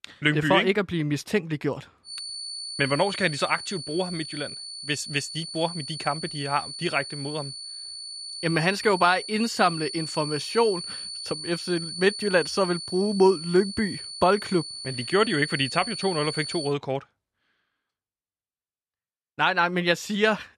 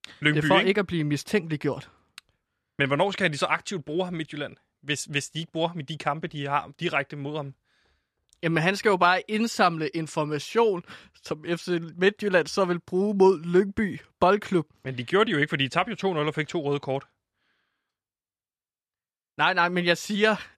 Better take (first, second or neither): second